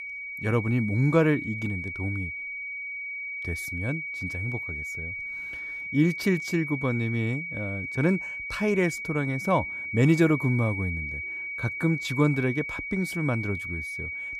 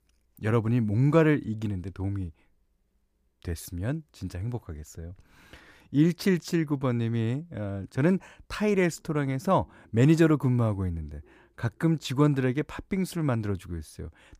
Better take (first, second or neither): second